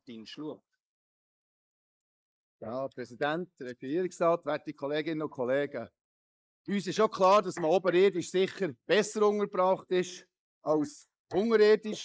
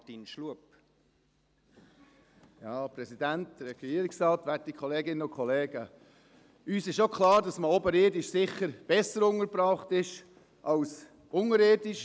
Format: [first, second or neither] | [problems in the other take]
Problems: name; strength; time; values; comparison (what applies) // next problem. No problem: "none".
second | noise reduction (neural mask model Resemble Enhance denoiser)